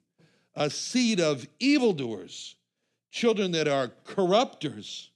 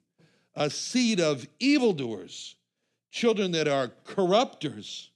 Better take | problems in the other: neither | none

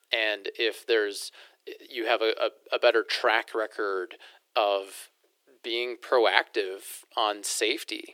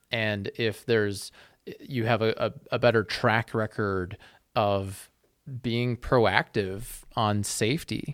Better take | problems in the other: second | thin; very; fading below 350 Hz

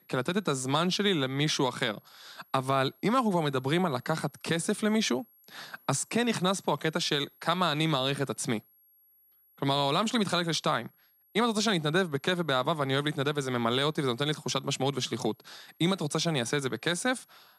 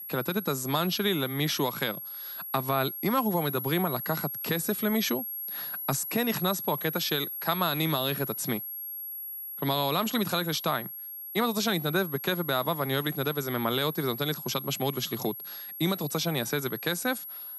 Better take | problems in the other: first | high-pitched whine; loud; throughout; 11.5 kHz, 6 dB below the speech; faint in the first

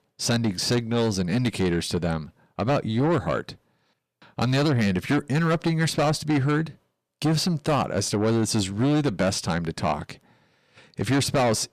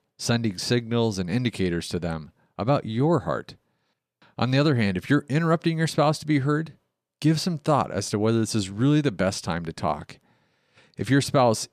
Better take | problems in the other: second | distortion; heavy; 8 dB below the speech

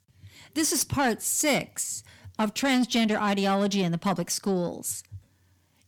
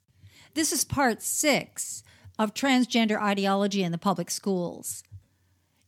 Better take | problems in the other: second | distortion; slight; 10 dB below the speech

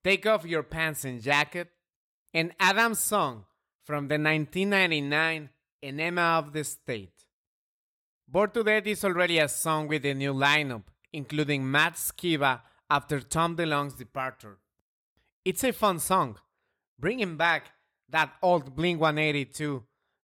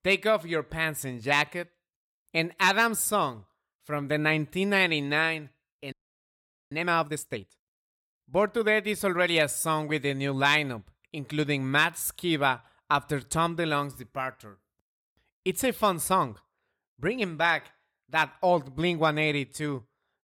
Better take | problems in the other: first | audio freezing; at 6 s for 1 s

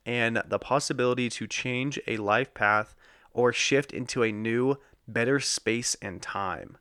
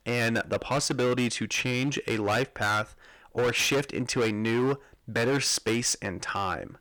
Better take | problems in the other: first | distortion; heavy; 14% of the sound clipped

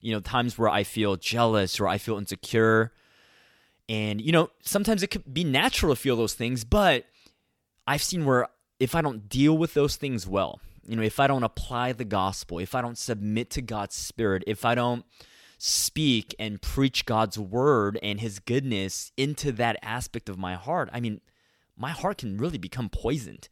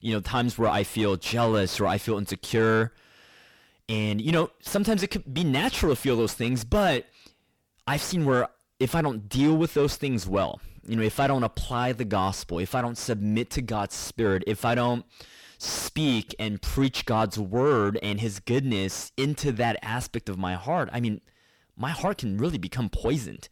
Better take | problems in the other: first | distortion; slight; 10 dB below the speech

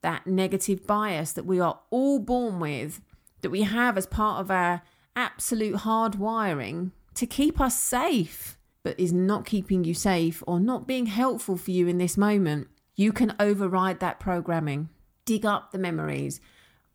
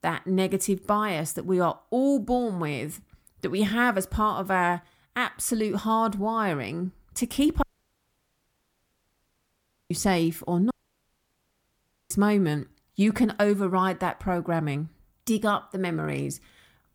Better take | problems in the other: first | audio cutting out; at 7.5 s for 2.5 s and at 11 s for 1.5 s

